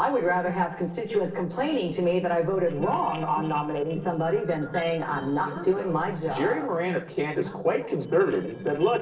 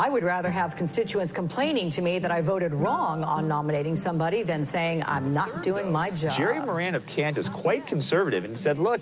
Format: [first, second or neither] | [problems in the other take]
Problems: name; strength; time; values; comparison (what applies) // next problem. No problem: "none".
second | noise reduction (neural separator model SepFormer DNS4)